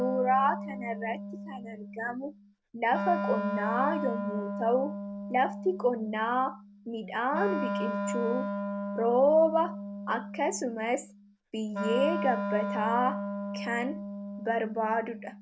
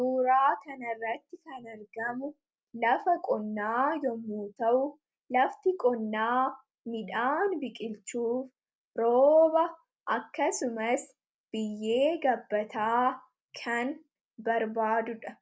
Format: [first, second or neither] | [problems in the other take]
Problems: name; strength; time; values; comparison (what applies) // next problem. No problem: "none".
second | background sound (Wind instrument, woodwind instrument); 5 dB below the speech